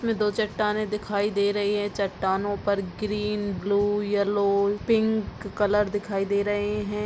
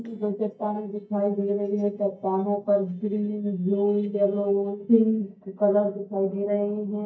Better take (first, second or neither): first